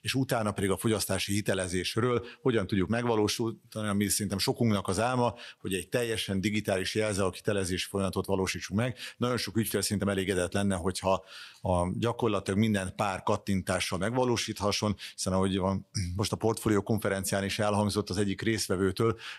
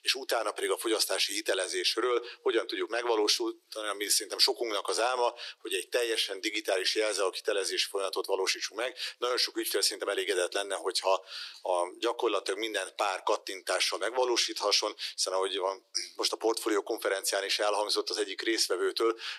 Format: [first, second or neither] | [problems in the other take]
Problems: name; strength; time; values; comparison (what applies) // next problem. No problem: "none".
first | thin; very; fading below 350 Hz